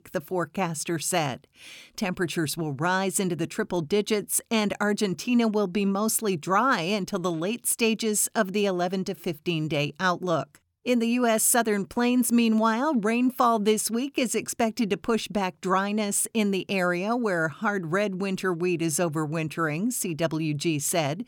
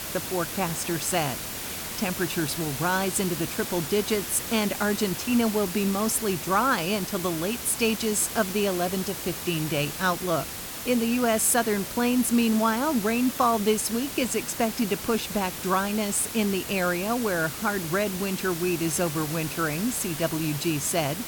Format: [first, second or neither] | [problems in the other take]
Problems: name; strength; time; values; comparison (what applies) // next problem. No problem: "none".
first | hiss; loud; throughout; 7 dB below the speech